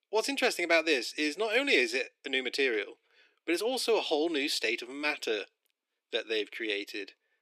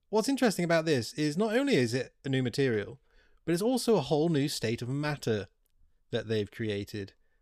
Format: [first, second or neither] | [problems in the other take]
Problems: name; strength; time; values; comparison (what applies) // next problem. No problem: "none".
second | thin; somewhat; fading below 300 Hz